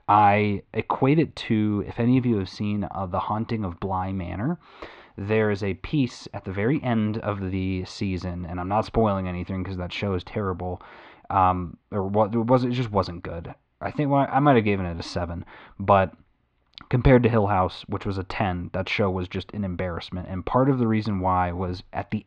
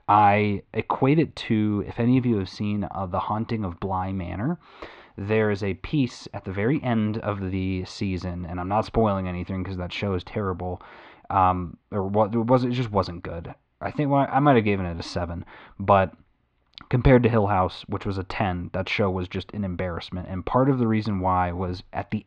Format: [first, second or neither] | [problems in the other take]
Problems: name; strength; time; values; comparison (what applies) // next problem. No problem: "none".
neither | muffled; very; fading above 3.5 kHz; the same in both